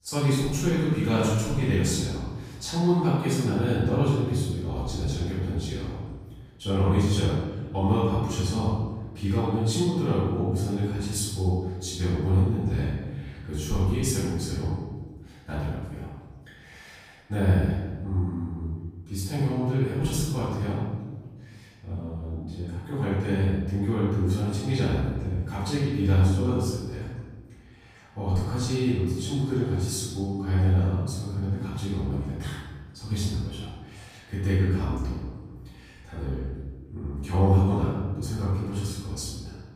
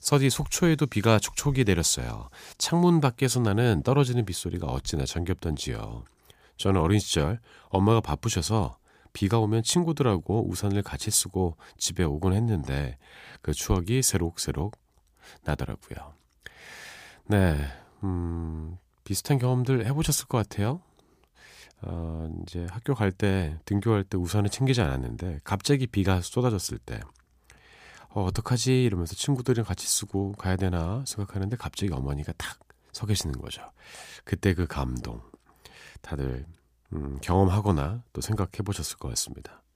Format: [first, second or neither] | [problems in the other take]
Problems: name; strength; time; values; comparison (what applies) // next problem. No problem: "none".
second | off-mic speech; far // room echo; strong; dies away in 1.4 s